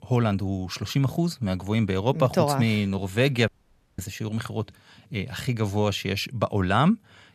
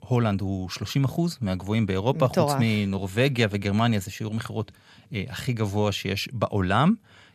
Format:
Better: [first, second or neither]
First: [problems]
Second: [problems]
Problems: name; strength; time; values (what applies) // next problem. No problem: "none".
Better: second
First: audio cutting out; at 3.5 s for 0.5 s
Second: none